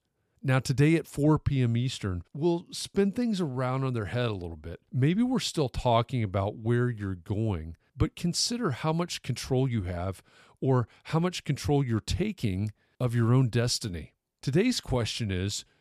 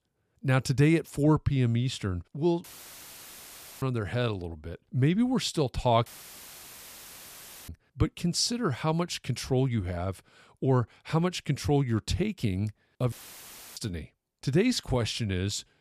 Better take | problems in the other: first | audio cutting out; filled with static; at 2.5 s for 1 s, at 6 s for 1.5 s and at 13 s for 0.5 s

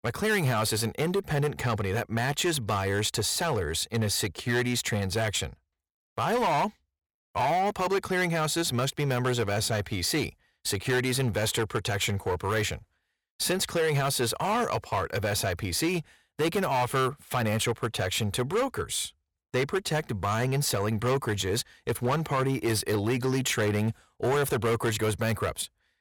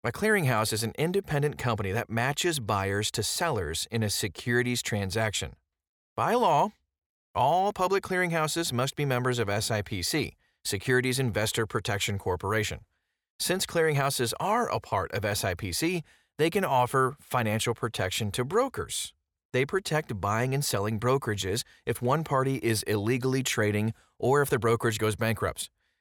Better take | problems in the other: second | distortion; slight; 11% of the sound clipped

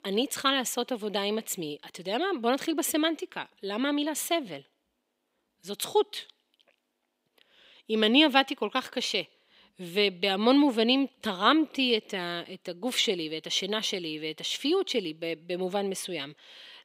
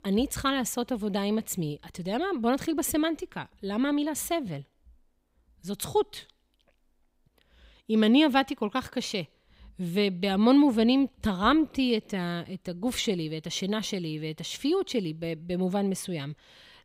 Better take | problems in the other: second | thin; very slightly; fading below 350 Hz

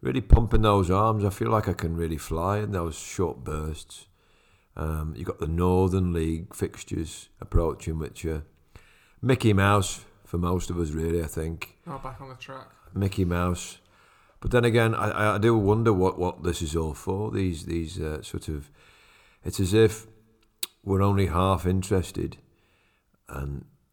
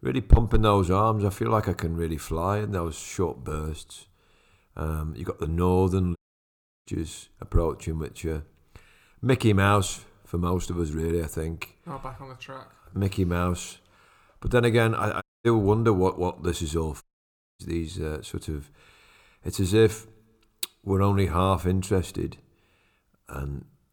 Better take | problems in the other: first | audio cutting out; at 6 s for 0.5 s, at 15 s and at 17 s for 0.5 s

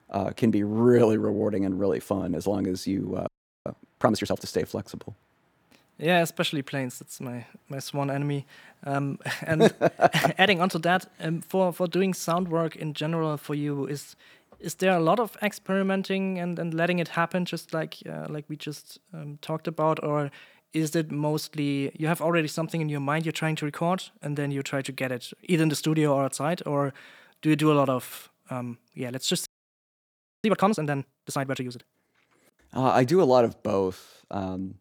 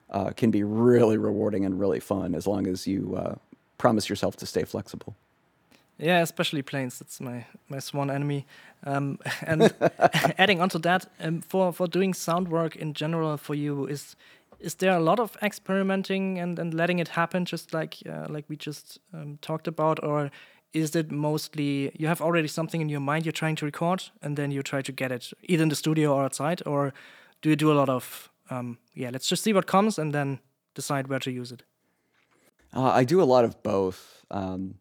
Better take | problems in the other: second | audio freezing; at 3.5 s and at 29 s for 1 s

